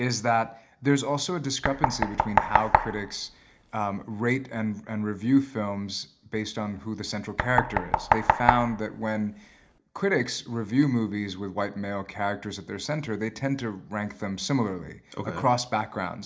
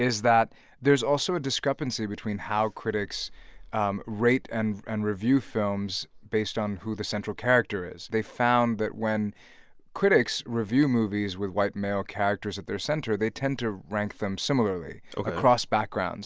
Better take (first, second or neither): second